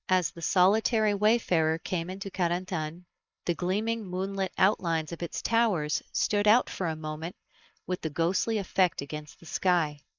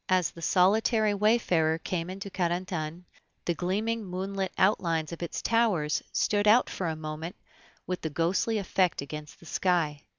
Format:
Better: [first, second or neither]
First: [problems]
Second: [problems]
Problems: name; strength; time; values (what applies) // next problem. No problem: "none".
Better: second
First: noise reduction (neural mask model Resemble Enhance denoiser)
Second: none